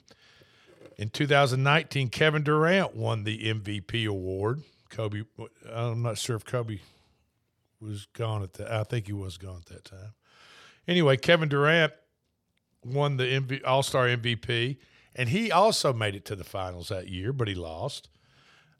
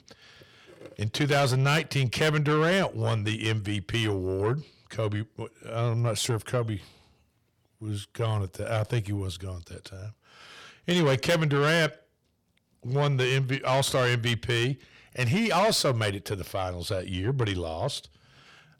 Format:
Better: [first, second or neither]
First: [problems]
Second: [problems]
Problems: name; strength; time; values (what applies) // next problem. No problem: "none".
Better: first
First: none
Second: distortion; heavy; 8 dB below the speech